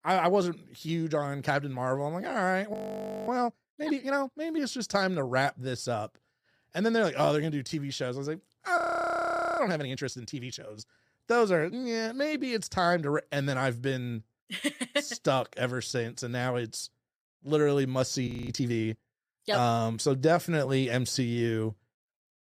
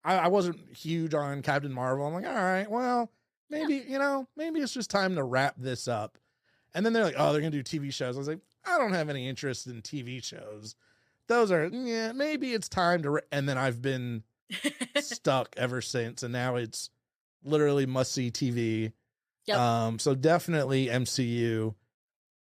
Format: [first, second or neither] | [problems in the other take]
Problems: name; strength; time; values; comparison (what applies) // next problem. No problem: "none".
second | audio freezing; at 2.5 s for 0.5 s, at 9 s for 1 s and at 18 s